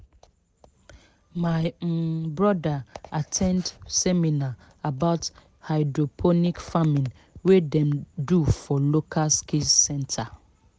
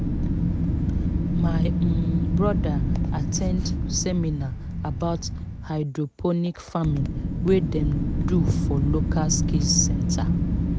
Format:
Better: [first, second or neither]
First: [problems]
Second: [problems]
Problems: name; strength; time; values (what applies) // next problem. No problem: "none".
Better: first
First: none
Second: background sound (Wind); 3 dB above the speech